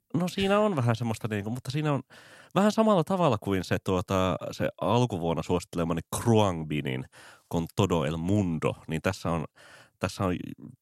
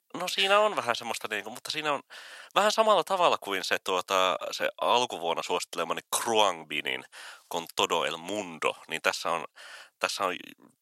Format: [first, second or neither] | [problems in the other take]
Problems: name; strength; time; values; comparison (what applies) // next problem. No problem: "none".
first | thin; very; fading below 650 Hz